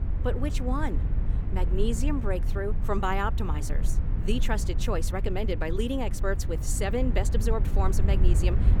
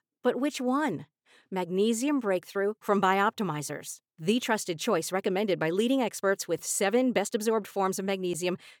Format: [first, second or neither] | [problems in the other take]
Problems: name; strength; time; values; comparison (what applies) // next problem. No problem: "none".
second | low rumble; noticeable; throughout; 10 dB below the speech